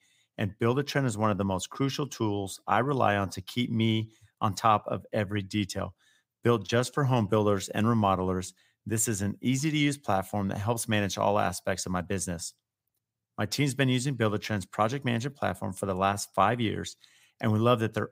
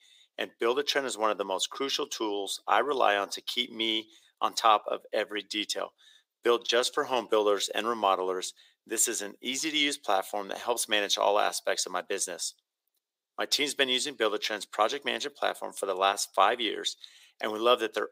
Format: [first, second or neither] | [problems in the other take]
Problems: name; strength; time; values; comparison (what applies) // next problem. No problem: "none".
first | thin; very; fading below 400 Hz